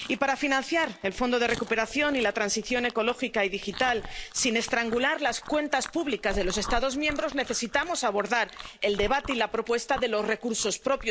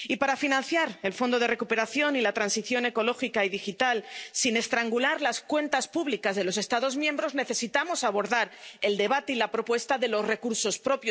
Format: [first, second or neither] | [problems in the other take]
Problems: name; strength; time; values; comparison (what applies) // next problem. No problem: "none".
second | background sound (Chewing, mastication); 14 dB below the speech